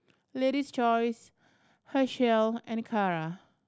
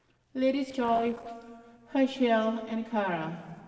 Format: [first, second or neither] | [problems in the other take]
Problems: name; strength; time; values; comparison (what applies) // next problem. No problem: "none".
first | noise reduction (neural separator model SepFormer DNS4)